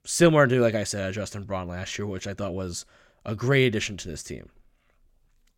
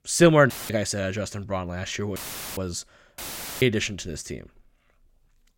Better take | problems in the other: first | audio cutting out; filled with static; at 0.5 s, at 2 s and at 3 s

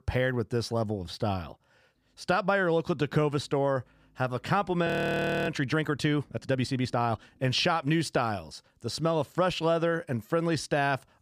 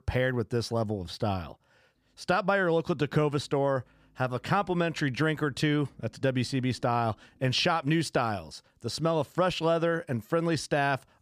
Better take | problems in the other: second | audio freezing; at 5 s for 0.5 s

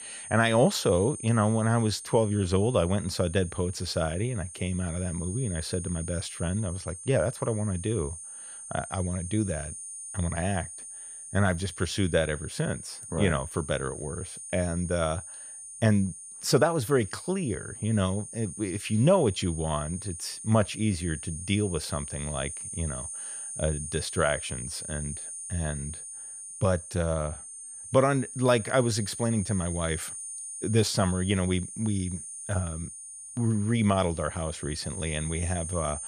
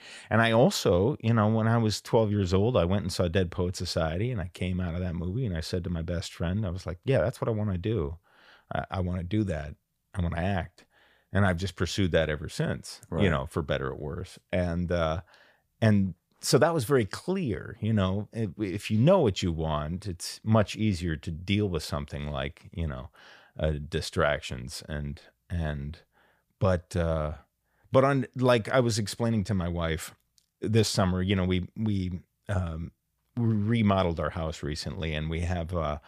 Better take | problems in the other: second | high-pitched whine; loud; throughout; 9 kHz, 9 dB below the speech

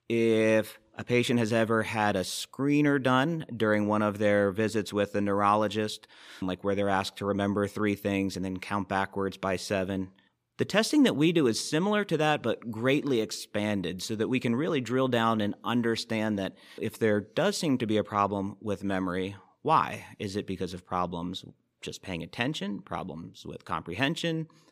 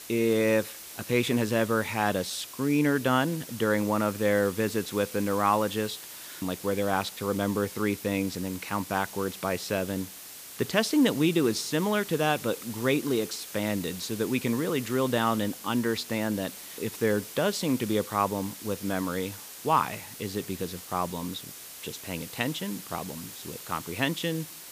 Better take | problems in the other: first | hiss; noticeable; throughout; 10 dB below the speech

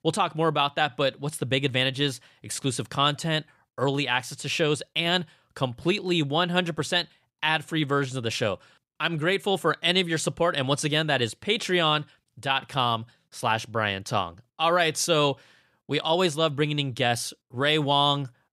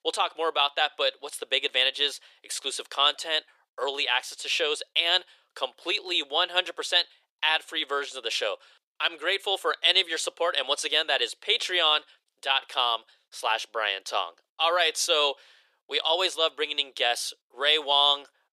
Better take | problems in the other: first | thin; very; fading below 400 Hz

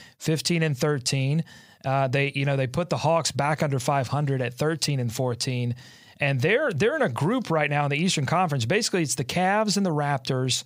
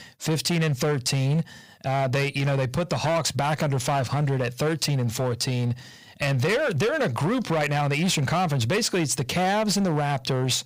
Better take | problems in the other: first | distortion; slight; 18% of the sound clipped

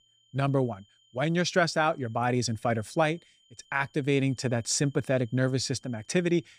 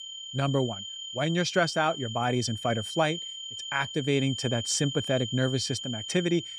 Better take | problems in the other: first | high-pitched whine; loud; throughout; 3 kHz, 7 dB below the speech; faint in the first

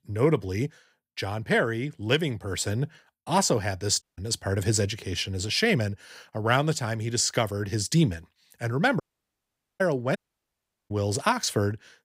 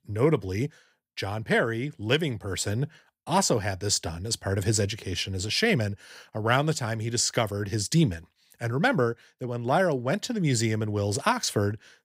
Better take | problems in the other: second | audio cutting out; at 4 s, at 9 s for 1 s and at 10 s for 0.5 s

